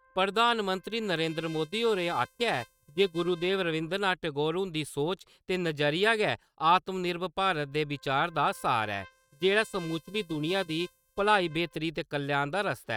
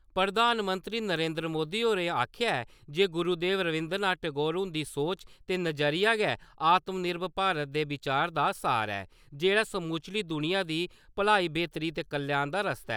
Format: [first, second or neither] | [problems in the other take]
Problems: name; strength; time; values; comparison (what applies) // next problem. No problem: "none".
second | noise reduction (neural mask model RNNoise)